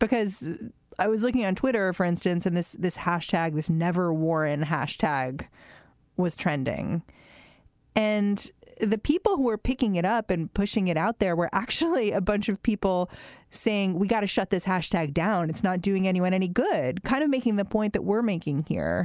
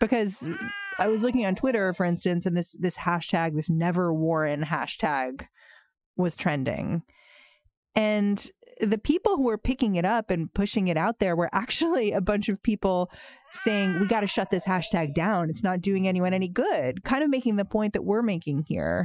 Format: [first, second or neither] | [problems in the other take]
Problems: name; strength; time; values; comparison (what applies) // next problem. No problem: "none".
first | noise reduction (classical method Wiener filter)